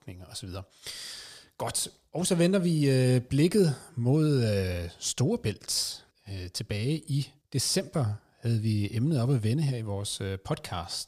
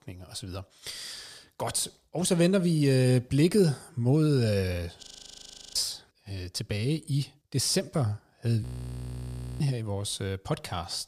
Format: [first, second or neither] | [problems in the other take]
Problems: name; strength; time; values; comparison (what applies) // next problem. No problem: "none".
first | audio freezing; at 5 s for 0.5 s and at 8.5 s for 1 s